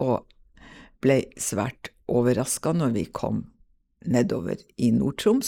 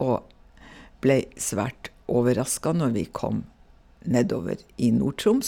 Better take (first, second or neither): second